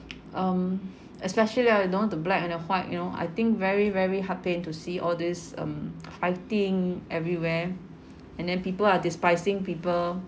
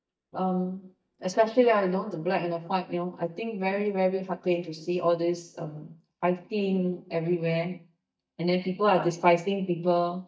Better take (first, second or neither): first